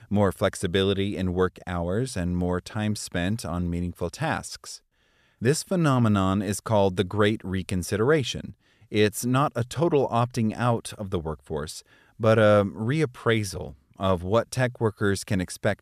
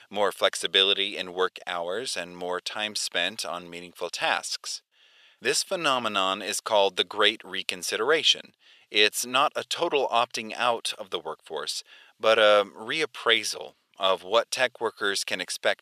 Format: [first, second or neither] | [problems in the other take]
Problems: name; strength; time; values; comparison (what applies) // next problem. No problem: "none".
first | thin; very; fading below 600 Hz